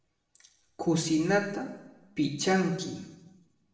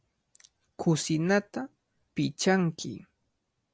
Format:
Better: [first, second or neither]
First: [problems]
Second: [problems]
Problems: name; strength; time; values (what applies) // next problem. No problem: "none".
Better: second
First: room echo; dies away in 0.9 s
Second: none